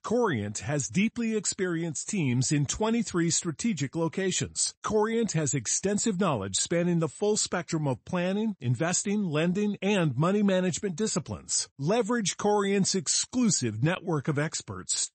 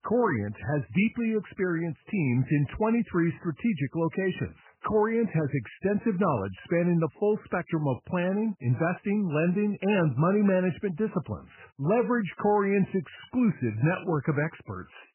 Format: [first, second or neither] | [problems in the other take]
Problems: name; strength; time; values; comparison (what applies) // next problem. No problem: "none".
first | garbled, watery; badly; nothing above 3 kHz; slightly in the first